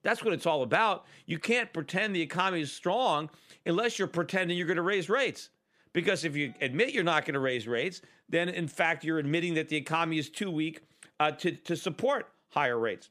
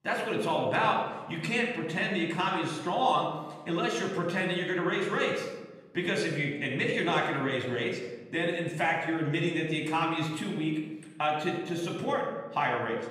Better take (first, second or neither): first